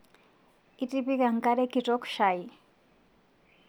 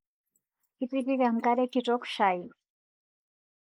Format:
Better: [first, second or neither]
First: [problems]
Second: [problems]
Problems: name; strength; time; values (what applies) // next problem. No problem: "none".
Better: first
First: none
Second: noise reduction (neural mask model Resemble Enhance denoiser)